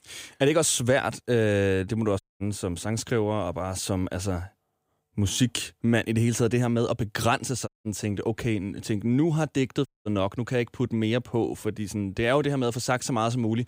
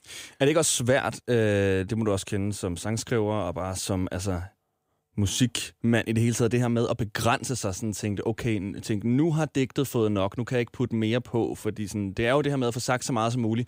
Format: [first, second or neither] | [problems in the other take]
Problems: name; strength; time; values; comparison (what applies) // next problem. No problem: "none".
second | audio cutting out; at 2 s, at 7.5 s and at 10 s